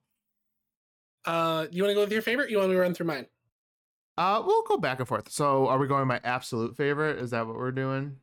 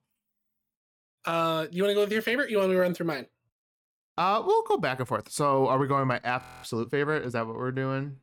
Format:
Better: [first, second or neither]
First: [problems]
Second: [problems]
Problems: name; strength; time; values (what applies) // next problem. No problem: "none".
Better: first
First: none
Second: audio freezing; at 6.5 s